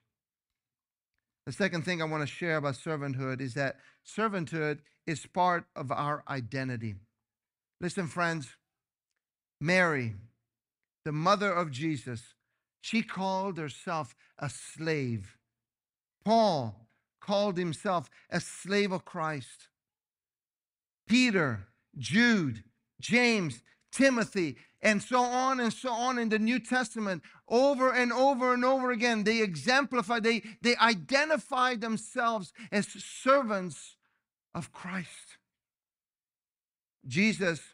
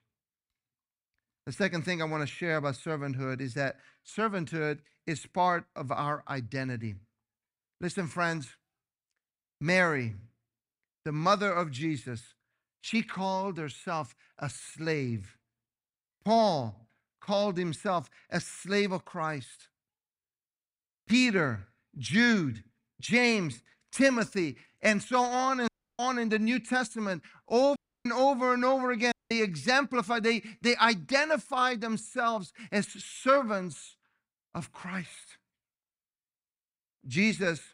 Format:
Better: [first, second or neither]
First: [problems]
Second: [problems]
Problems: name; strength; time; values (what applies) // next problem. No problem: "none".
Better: first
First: none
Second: audio cutting out; at 26 s, at 28 s and at 29 s